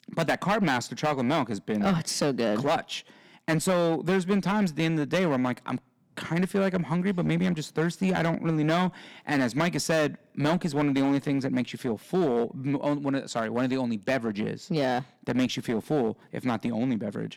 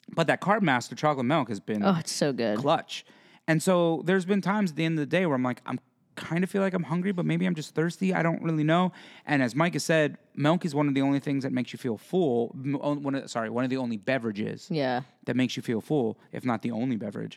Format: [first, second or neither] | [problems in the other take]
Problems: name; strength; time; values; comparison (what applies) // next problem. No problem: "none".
second | distortion; slight; 9% of the sound clipped